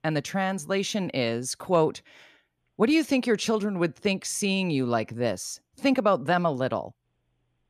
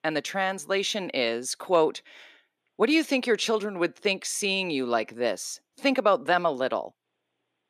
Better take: first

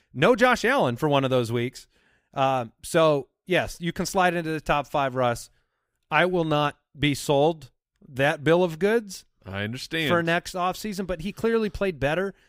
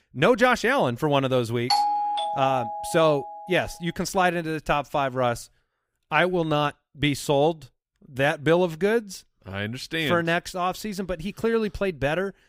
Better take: first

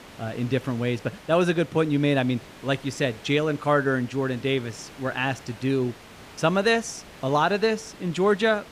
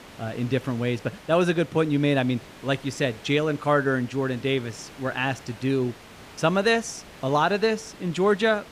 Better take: neither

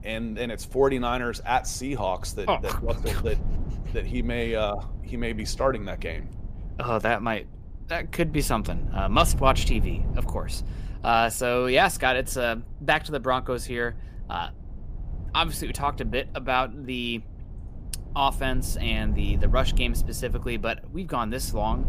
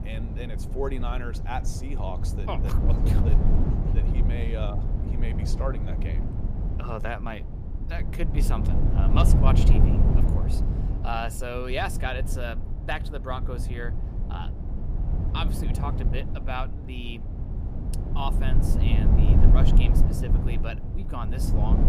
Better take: first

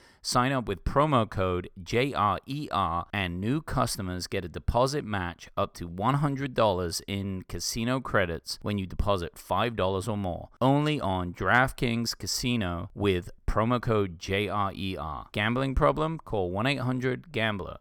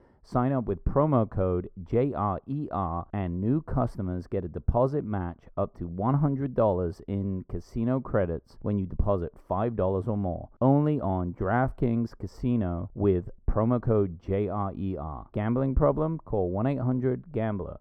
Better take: first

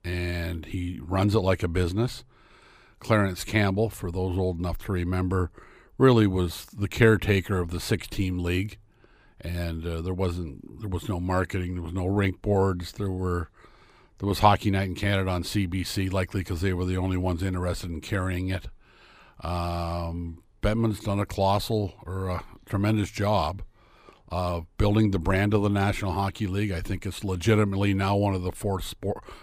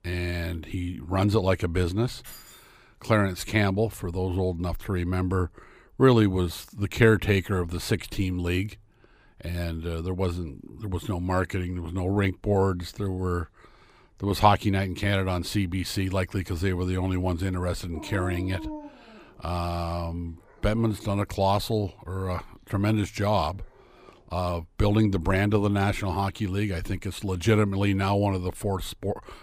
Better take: first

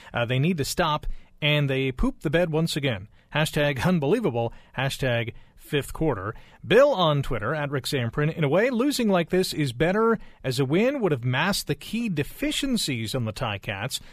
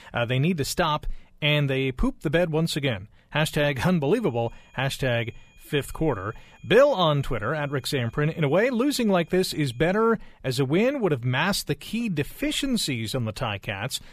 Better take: first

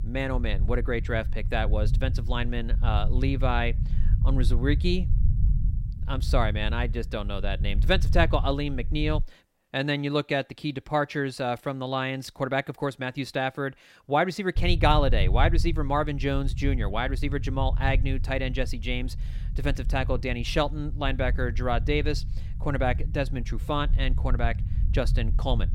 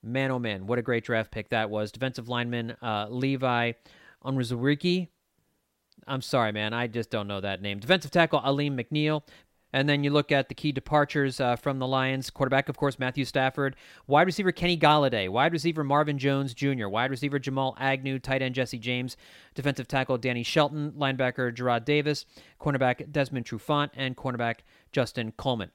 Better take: second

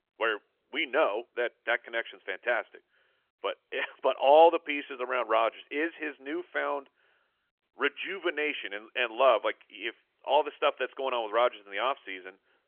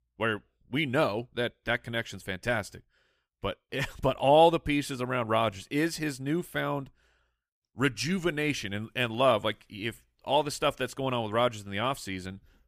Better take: second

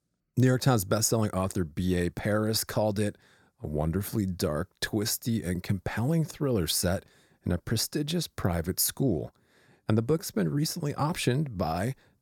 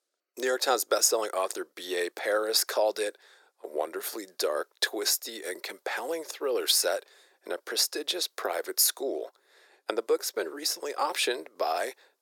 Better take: first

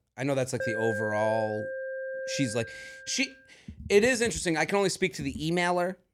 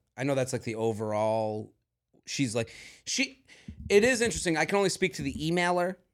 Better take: second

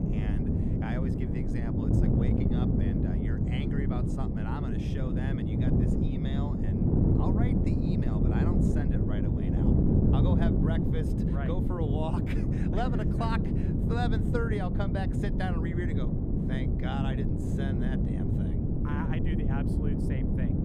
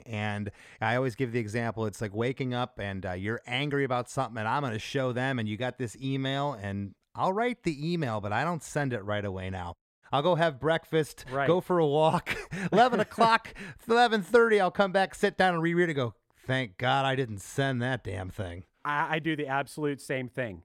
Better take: second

